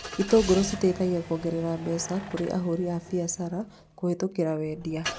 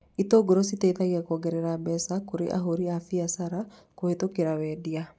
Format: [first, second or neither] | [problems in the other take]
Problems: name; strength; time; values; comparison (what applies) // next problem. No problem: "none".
second | background sound (Engine starting / Car); 13 dB below the speech